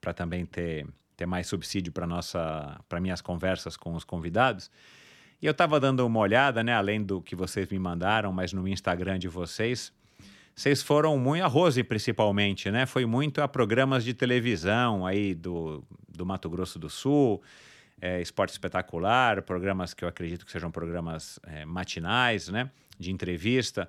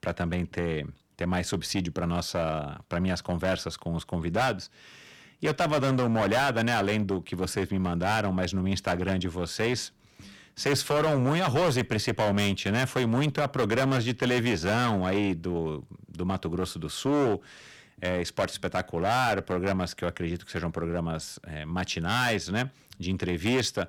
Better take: first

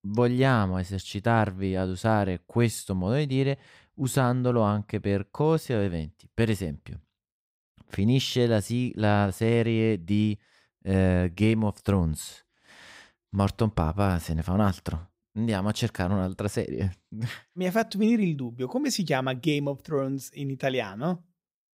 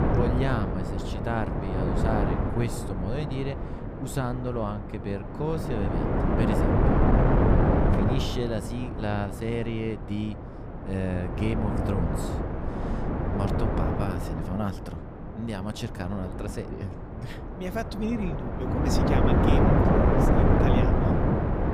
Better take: first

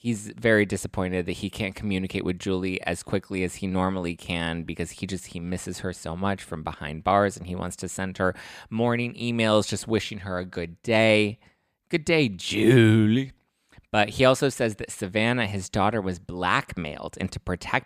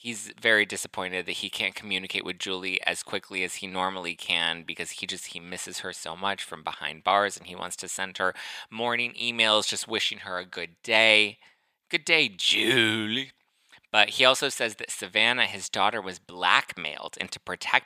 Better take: first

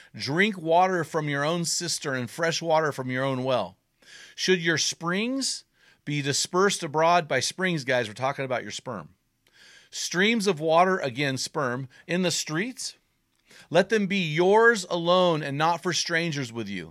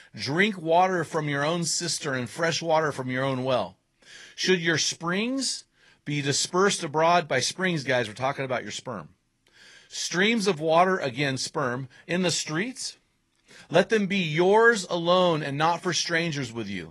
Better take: first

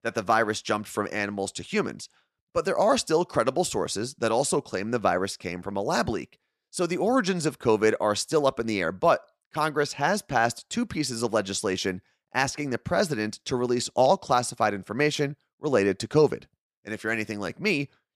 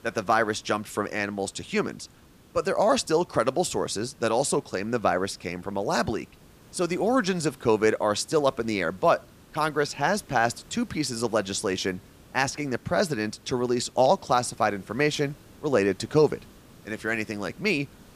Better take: first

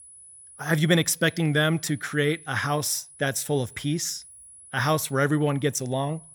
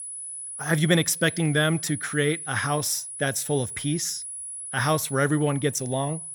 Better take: first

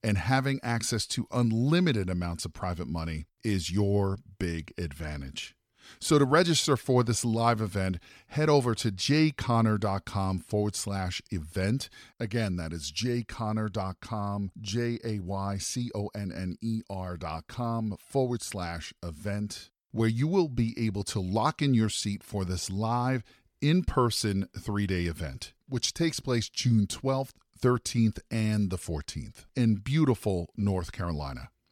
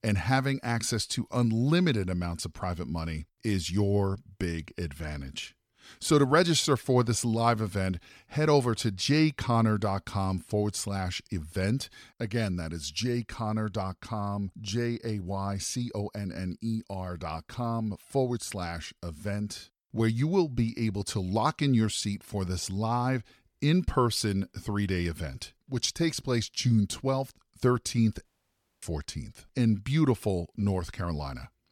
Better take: first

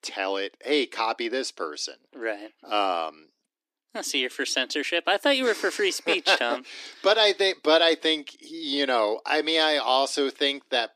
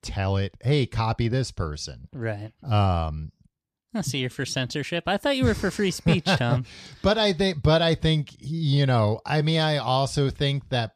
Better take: second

